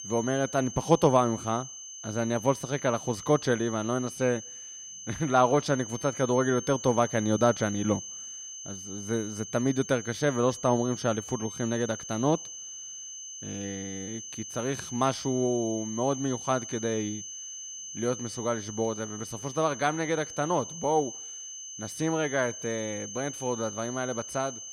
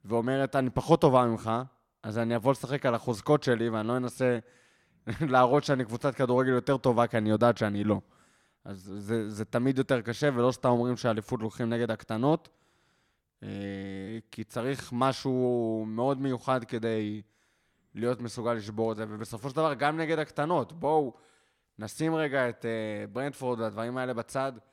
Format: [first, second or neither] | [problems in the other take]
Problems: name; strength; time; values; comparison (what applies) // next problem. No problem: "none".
second | high-pitched whine; loud; throughout; 6.5 kHz, 10 dB below the speech